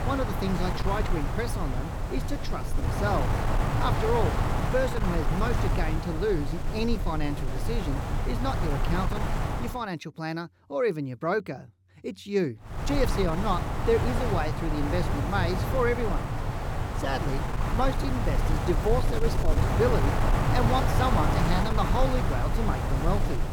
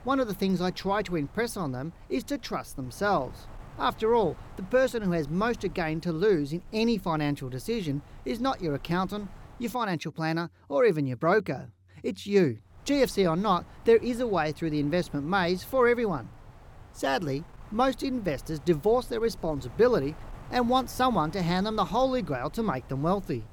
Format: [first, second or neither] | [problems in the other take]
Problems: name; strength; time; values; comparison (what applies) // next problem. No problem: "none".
second | wind noise on the microphone; heavy; until 9.5 s and from 13 s on; 2 dB below the speech; occasional gusts in the second